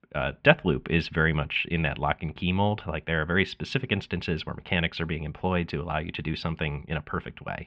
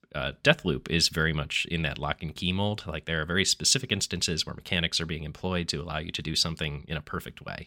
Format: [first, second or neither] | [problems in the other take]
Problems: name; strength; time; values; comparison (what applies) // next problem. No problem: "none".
second | muffled; very; fading above 2.5 kHz